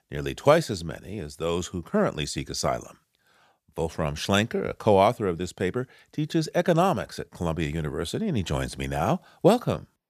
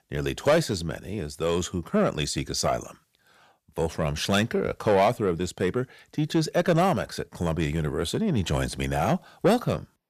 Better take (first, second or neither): first